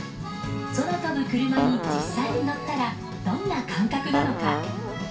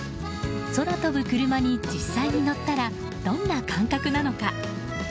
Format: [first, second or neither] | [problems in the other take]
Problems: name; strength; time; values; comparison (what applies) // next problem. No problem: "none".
second | background sound (Fart); 2 dB below the speech // room echo; dies away in 0.3 s